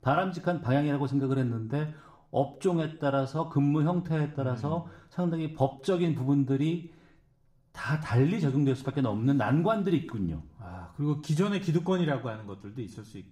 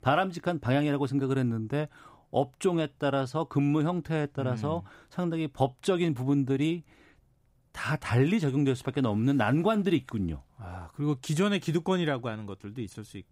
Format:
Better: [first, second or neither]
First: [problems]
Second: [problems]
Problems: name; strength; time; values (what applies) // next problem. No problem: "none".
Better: second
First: room echo; very slight; dies away in 0.4 s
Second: none